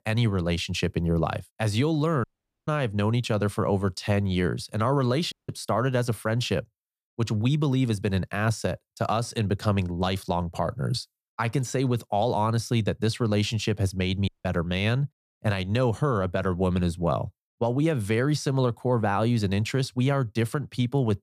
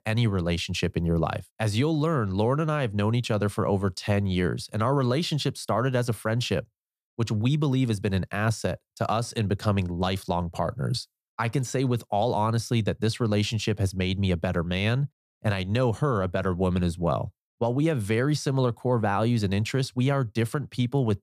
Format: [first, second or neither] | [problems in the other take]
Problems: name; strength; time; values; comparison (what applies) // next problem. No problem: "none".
second | audio cutting out; at 2 s, at 5.5 s and at 14 s